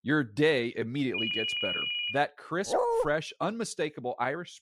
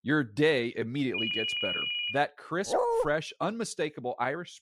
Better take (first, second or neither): neither